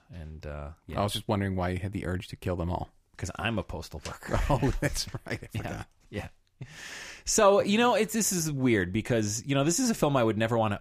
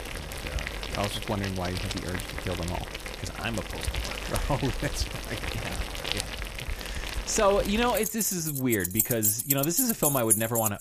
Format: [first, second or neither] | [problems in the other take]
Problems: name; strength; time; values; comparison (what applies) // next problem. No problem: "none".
first | household noises; loud; throughout; 1 dB below the speech